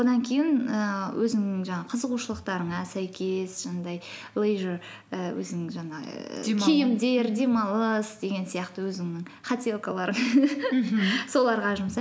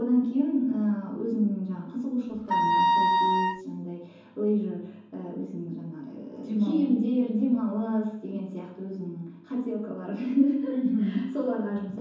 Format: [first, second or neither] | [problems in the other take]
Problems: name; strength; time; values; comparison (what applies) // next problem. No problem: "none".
first | background sound (Wind instrument, woodwind instrument); 5 dB above the speech // room echo; dies away in 0.9 s